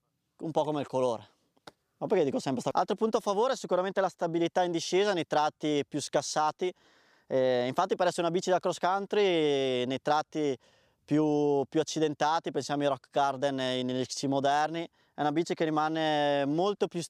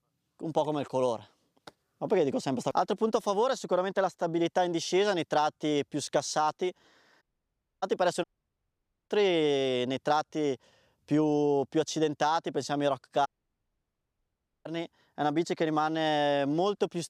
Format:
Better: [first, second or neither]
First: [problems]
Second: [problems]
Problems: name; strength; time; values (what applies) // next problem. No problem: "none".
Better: first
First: none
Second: audio cutting out; at 7 s for 0.5 s, at 8 s for 1 s and at 13 s for 1.5 s